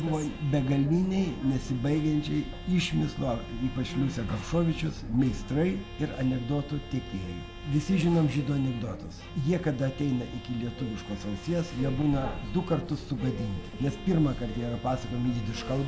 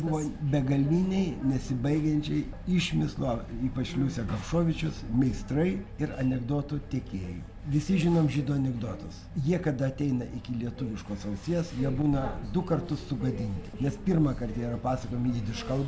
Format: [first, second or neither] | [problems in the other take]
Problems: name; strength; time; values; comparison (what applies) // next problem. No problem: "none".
second | background sound (Bowed string instrument); 18 dB below the speech